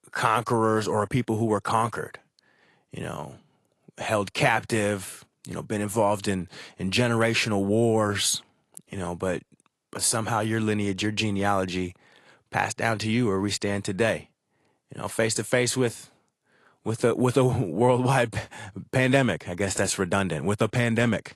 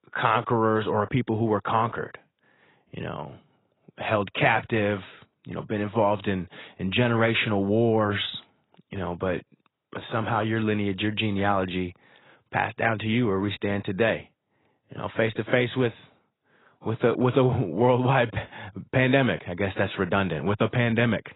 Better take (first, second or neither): first